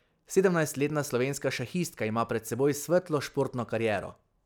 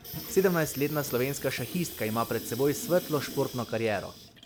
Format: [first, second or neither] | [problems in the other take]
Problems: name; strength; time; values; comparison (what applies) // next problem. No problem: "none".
first | background sound (Sink (filling or washing) / Water tap, faucet); 11 dB below the speech